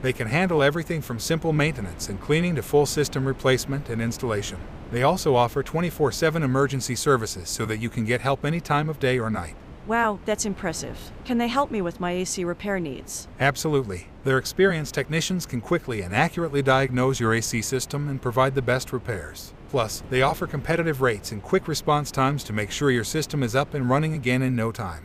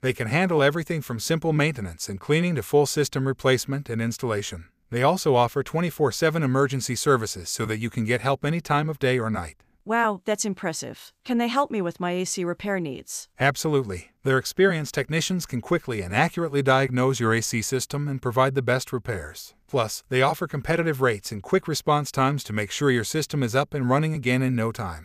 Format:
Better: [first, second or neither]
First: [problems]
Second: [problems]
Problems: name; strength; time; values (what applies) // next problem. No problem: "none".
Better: second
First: wind noise on the microphone; occasional gusts; 20 dB below the speech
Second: none